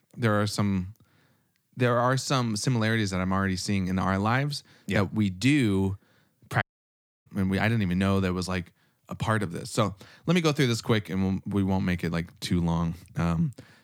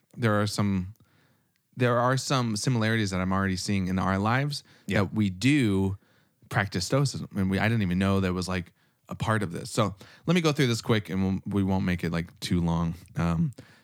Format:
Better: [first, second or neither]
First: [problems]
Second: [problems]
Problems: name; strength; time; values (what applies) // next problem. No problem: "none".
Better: second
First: audio cutting out; at 6.5 s for 0.5 s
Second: none